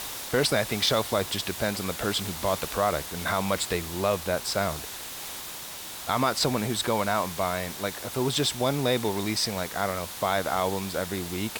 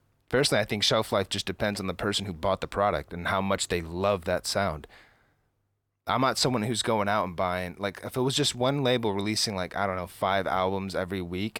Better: second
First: hiss; loud; throughout; 8 dB below the speech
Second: none

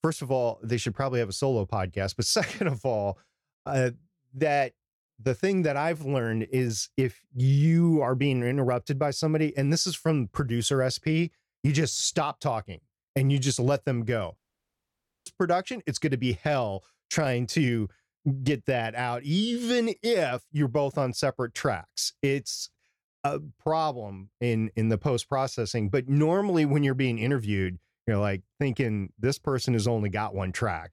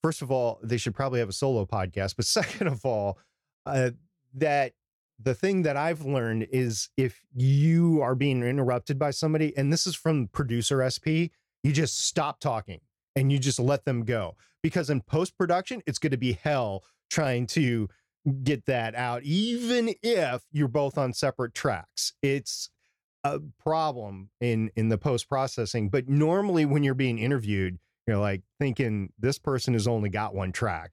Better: second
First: audio cutting out; at 14 s for 1 s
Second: none

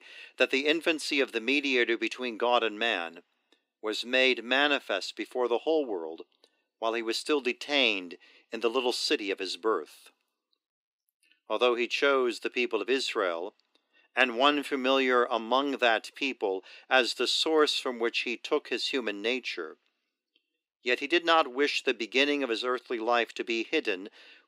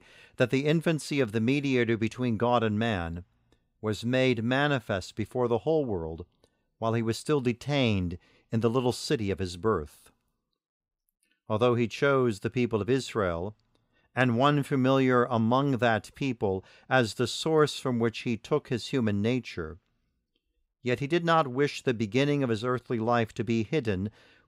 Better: second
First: thin; somewhat; fading below 300 Hz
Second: none

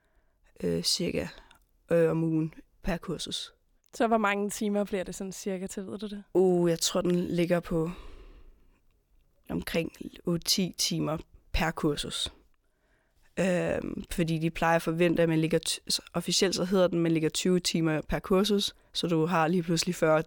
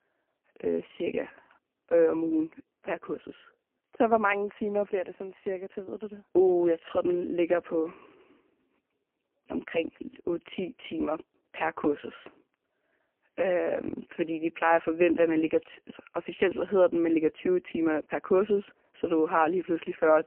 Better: first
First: none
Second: phone-call audio; poor line; nothing above 3 kHz

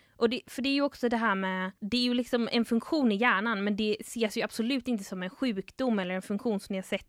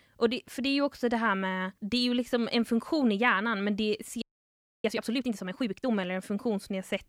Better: first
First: none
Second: audio freezing; at 4 s for 0.5 s

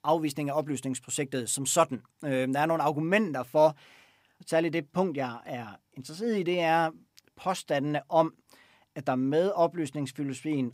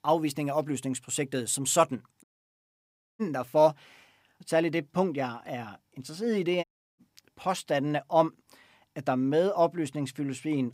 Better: first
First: none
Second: audio cutting out; at 2 s for 1 s and at 6.5 s

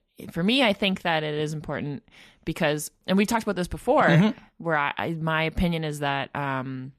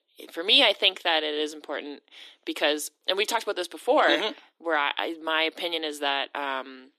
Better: first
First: none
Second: thin; very; fading below 300 Hz

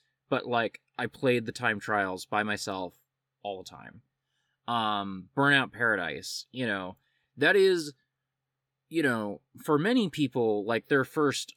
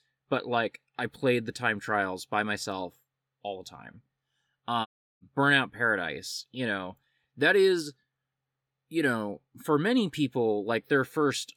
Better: first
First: none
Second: audio cutting out; at 5 s

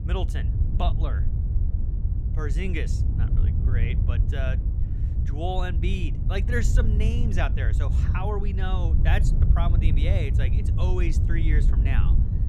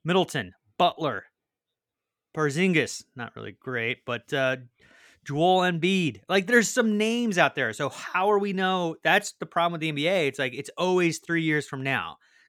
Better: second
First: wind noise on the microphone; heavy; 6 dB below the speech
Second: none

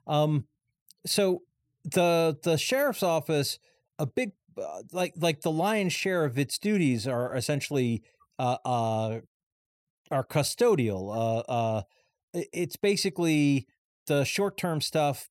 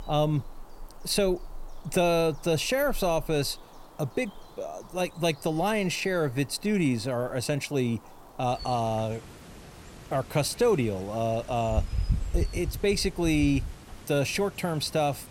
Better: first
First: none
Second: animal sounds; noticeable; throughout; 10 dB below the speech

